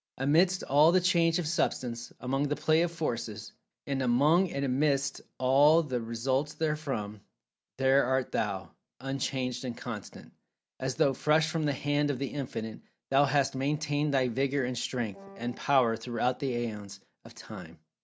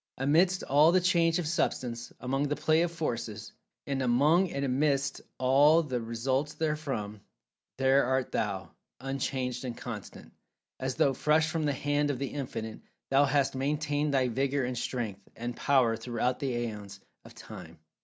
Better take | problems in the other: second | background sound (Wind instrument, woodwind instrument); 20 dB below the speech

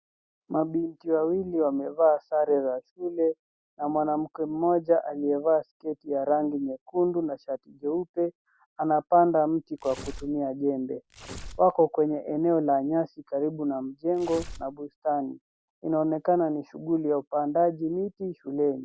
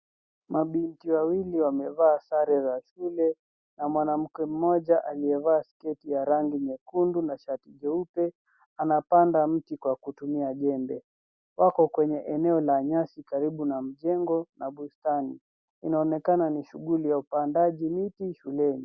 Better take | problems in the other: second | background sound (Tearing); 16 dB below the speech

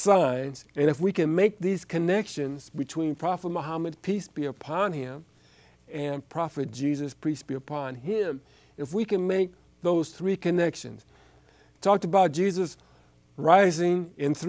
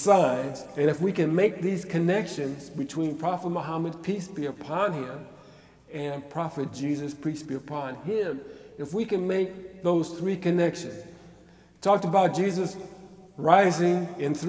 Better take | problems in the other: first | room echo; dies away in 1.9 s

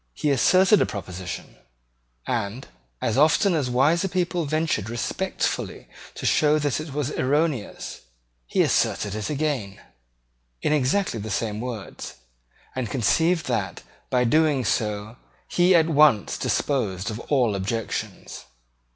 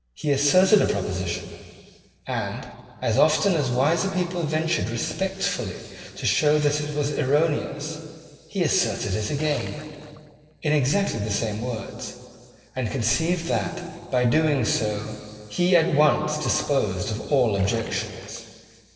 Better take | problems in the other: first | noise reduction (neural separator model SepFormer DNS4)

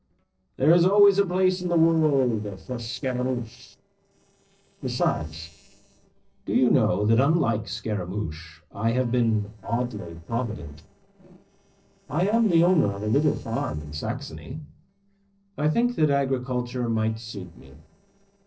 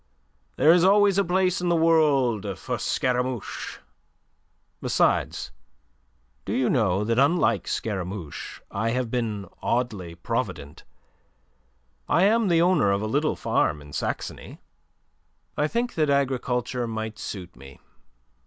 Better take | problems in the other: second | noise reduction (neural separator model SepFormer DNS4)

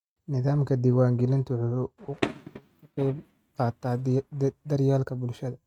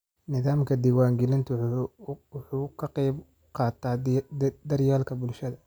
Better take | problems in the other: second | noise reduction (neural mask model RNNoise)

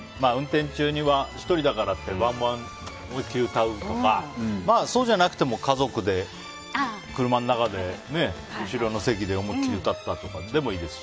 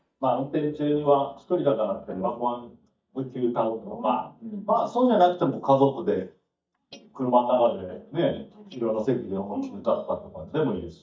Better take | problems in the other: first | noise reduction (neural mask model DeepFilterNet 3)

